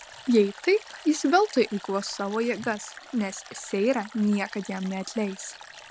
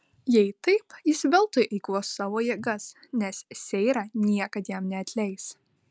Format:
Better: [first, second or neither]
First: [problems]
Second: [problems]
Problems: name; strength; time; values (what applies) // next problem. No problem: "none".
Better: second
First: background sound (Stream); 19 dB below the speech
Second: none